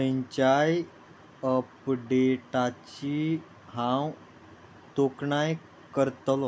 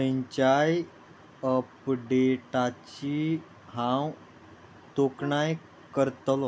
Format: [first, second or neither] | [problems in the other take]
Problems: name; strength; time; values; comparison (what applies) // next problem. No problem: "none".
first | background sound (Brass instrument); 20 dB below the speech